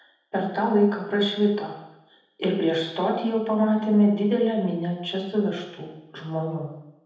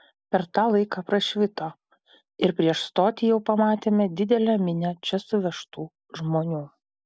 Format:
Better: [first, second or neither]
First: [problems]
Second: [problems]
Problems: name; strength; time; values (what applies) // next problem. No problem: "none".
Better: second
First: room echo; dies away in 0.8 s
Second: none